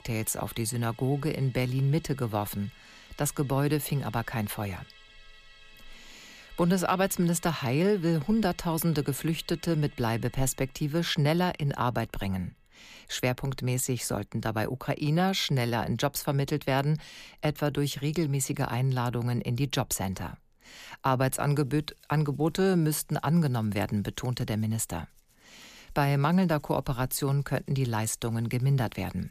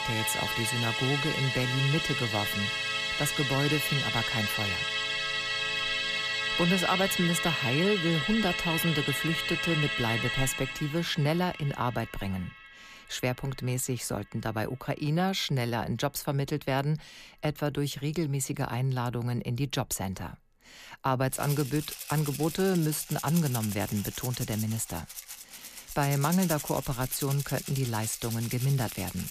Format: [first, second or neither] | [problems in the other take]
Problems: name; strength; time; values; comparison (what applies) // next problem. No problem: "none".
first | background music; loud; throughout; as loud as the speech; faint in the first